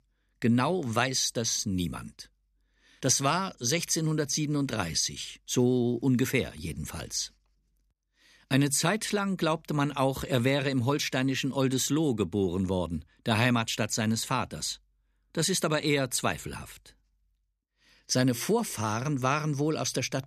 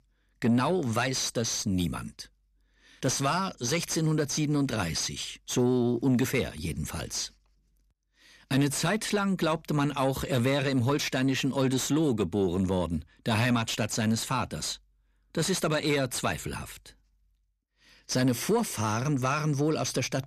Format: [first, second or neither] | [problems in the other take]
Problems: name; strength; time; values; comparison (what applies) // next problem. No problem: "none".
first | distortion; slight; 10 dB below the speech